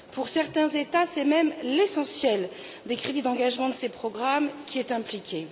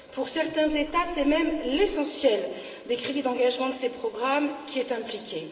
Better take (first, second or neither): first